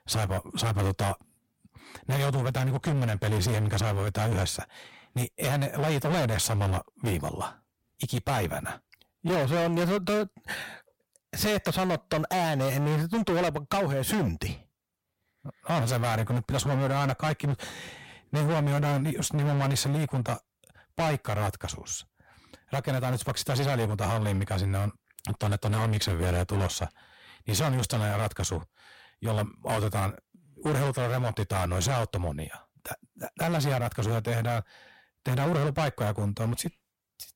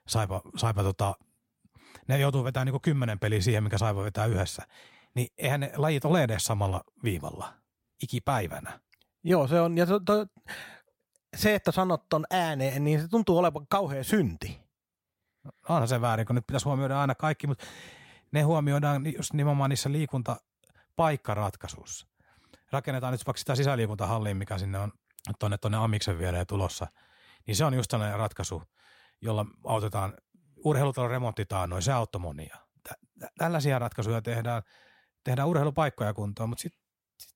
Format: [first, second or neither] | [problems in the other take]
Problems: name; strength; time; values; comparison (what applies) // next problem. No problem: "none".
second | distortion; heavy; 23% of the sound clipped